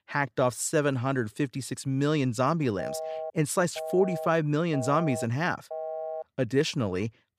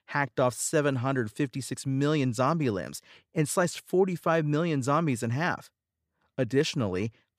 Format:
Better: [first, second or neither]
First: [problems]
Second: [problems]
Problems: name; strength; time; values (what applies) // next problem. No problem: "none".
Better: second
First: phone ringing; noticeable; from 3 to 6 s; peak 7 dB below the speech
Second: none